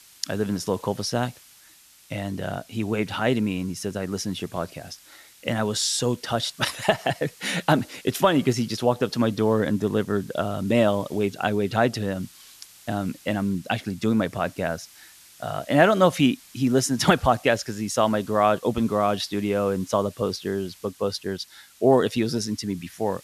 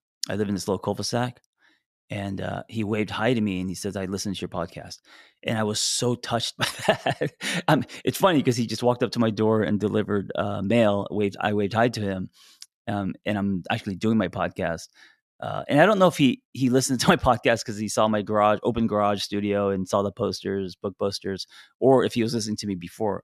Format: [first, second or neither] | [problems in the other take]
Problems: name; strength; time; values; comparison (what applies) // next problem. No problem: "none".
second | hiss; faint; throughout; 25 dB below the speech